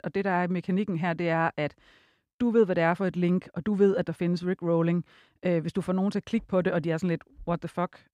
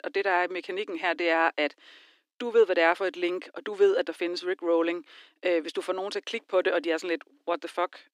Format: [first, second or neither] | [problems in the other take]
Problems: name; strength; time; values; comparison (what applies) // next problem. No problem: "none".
first | thin; very; fading below 300 Hz